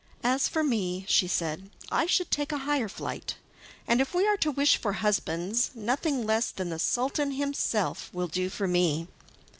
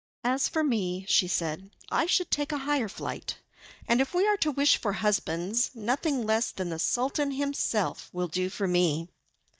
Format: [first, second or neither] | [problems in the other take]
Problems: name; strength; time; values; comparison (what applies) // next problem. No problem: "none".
first | noise reduction (neural mask model DeepFilterNet 3)